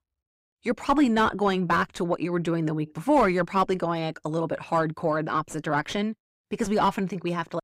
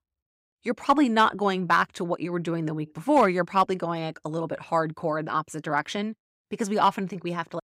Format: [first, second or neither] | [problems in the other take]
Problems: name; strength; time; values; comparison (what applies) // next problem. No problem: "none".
second | distortion; slight; 9 dB below the speech